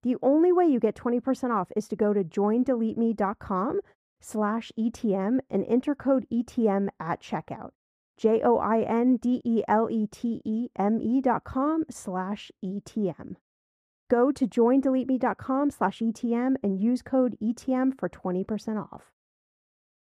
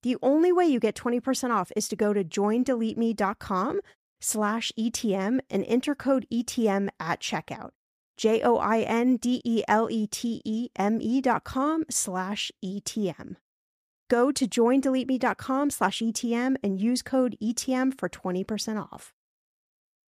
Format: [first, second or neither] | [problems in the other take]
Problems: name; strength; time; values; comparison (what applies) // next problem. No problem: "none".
second | muffled; very; fading above 2 kHz